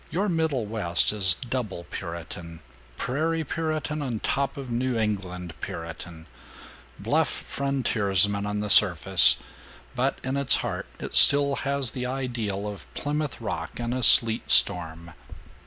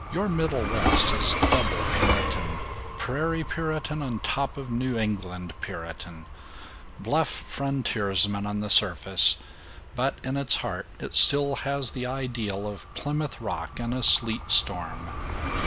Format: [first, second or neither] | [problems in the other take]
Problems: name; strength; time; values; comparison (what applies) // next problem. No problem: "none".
first | background sound (Train); 3 dB below the speech